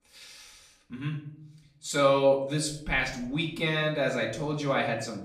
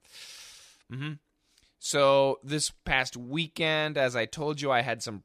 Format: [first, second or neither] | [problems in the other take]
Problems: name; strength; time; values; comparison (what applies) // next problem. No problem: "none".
second | off-mic speech; far // room echo; slight; dies away in 0.7 s